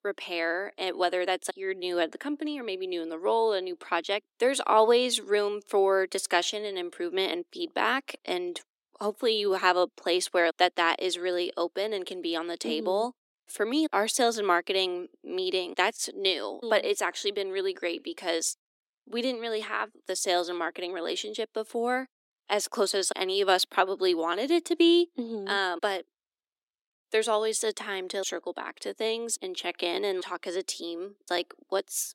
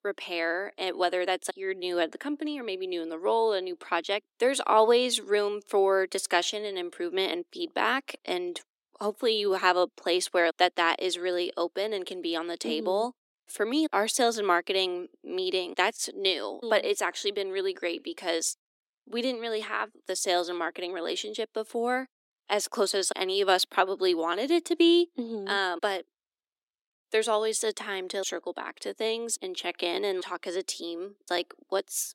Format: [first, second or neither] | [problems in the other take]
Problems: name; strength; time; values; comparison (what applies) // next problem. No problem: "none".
neither | thin; somewhat; fading below 300 Hz; the same in both